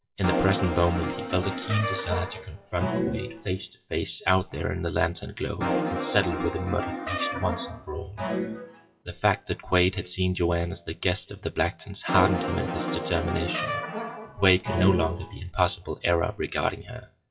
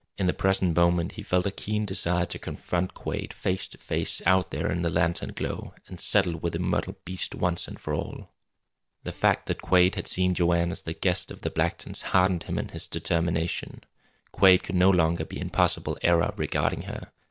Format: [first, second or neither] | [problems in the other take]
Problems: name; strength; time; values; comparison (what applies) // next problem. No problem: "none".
second | noise reduction (classical method WPE with log-MMSE)